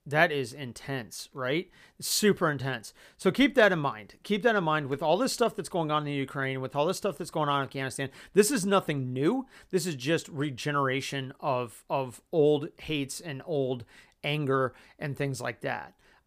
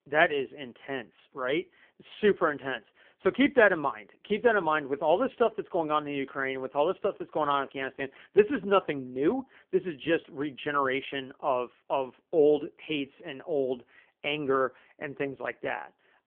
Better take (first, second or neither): first